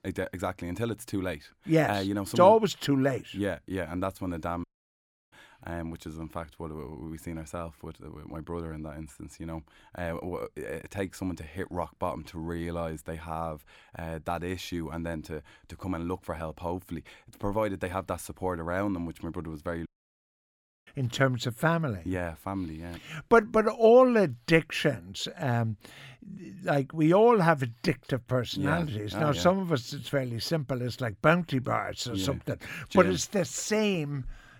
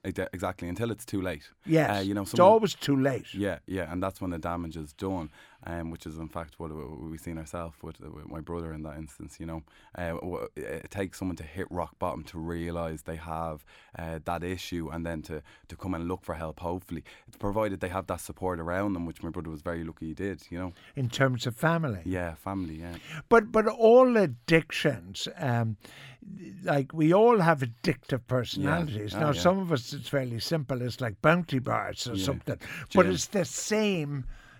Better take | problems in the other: second | audio cutting out; at 4.5 s for 0.5 s and at 20 s for 1 s

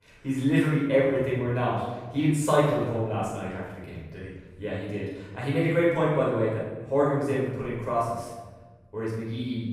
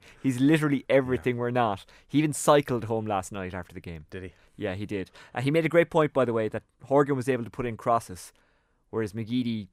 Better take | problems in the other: second | off-mic speech; far // room echo; strong; dies away in 1.3 s

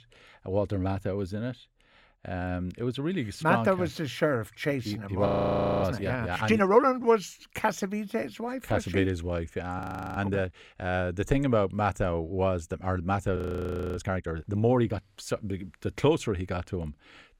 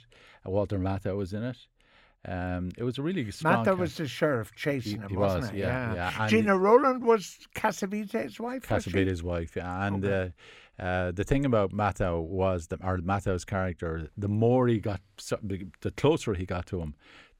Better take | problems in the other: second | audio freezing; at 5.5 s for 0.5 s, at 10 s and at 13 s for 0.5 s

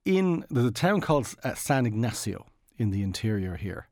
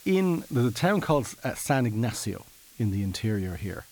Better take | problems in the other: first | hiss; faint; throughout; 20 dB below the speech

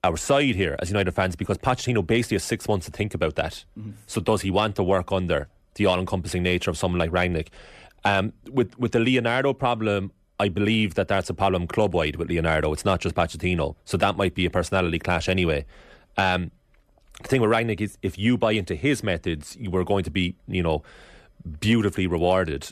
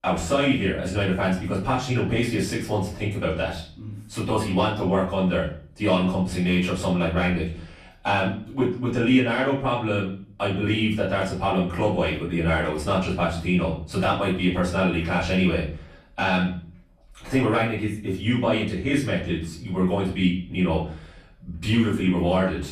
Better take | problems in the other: first | off-mic speech; far // room echo; noticeable; dies away in 0.4 s

